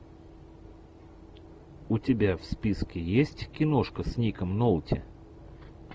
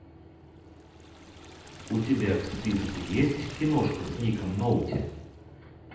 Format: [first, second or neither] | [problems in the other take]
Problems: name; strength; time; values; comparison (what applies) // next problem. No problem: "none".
first | background sound (Liquid); 16 dB below the speech // room echo; dies away in 0.8 s